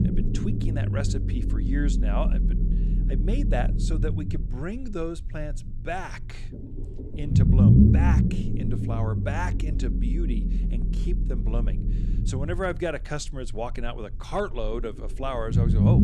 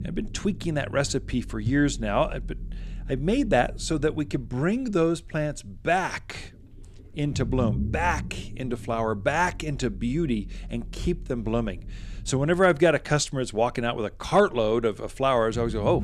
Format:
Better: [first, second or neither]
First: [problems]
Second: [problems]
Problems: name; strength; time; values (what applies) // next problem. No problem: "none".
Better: second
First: low rumble; loud; throughout; 2 dB below the speech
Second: low rumble; faint; throughout; 25 dB below the speech